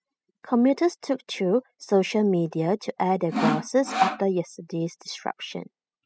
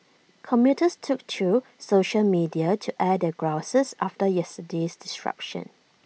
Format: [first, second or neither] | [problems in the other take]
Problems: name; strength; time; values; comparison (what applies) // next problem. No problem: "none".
second | noise reduction (classical method spectral subtraction)